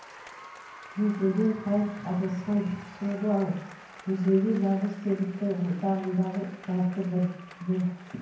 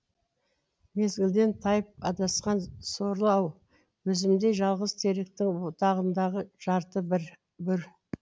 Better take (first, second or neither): second